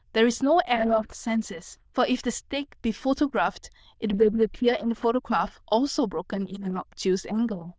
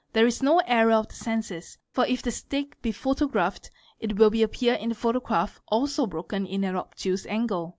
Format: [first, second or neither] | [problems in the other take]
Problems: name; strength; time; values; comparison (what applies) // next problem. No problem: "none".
second | noise reduction (neural diffusion model UNIVERSE++)